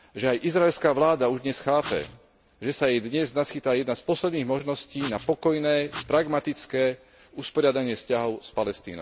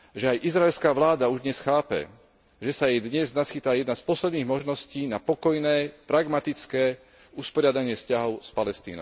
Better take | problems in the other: second | background sound (Writing); 15 dB below the speech

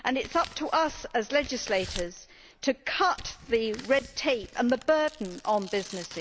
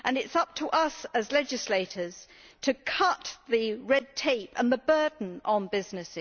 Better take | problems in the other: second | background sound (Tearing); 17 dB below the speech

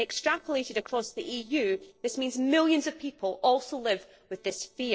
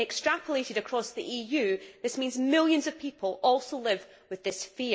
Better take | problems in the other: second | noise reduction (neural separator model SepFormer DNS4)

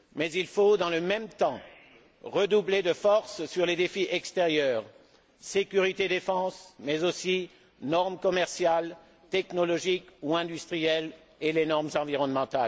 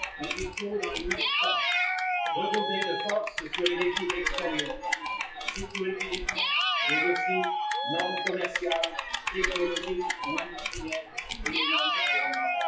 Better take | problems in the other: first | noise reduction (classical method WPE with log-MMSE)

